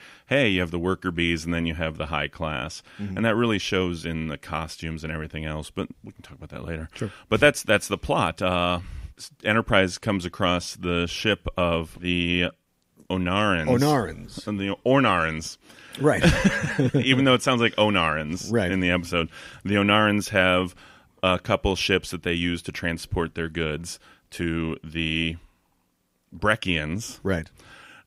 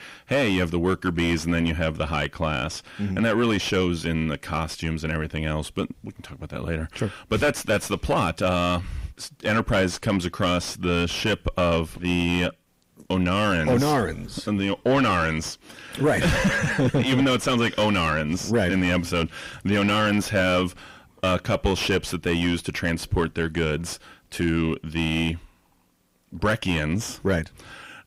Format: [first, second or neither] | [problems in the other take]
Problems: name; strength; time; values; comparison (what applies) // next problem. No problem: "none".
first | distortion; heavy; 6 dB below the speech